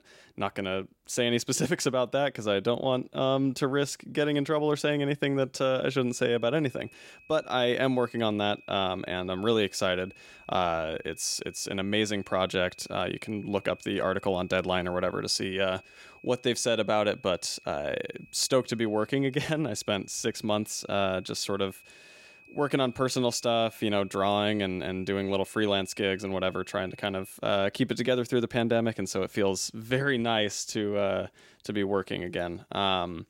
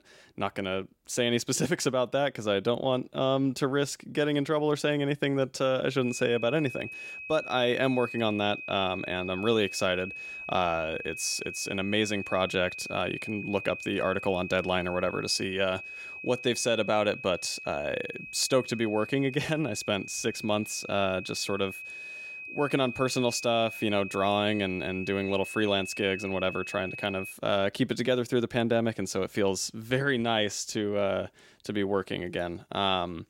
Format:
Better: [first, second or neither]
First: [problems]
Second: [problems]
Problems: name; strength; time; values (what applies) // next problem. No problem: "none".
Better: first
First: high-pitched whine; faint; from 6 to 27 s; 2.5 kHz, 25 dB below the speech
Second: high-pitched whine; loud; from 6 to 27 s; 2.5 kHz, 10 dB below the speech